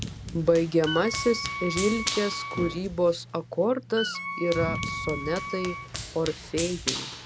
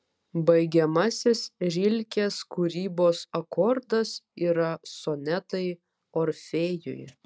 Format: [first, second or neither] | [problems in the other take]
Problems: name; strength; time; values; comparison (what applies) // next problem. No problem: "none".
second | background sound (Wind instrument, woodwind instrument + Run); 6 dB below the speech